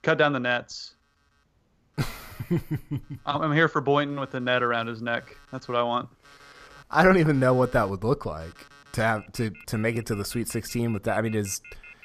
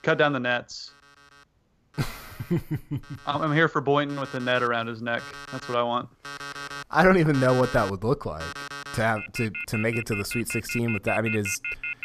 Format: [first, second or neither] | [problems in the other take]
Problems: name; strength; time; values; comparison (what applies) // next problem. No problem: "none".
first | alarms or sirens; loud; throughout; 8 dB below the speech; faint in the first